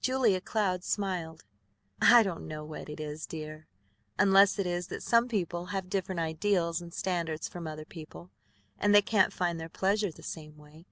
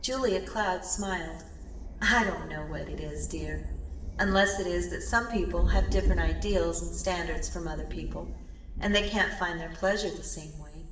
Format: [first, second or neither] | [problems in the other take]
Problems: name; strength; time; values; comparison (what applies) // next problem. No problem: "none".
first | background sound (Thunder); 2 dB below the speech // room echo; dies away in 1.4 s